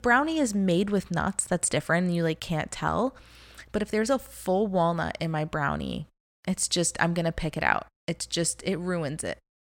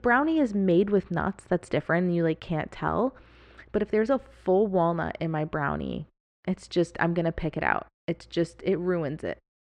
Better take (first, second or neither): first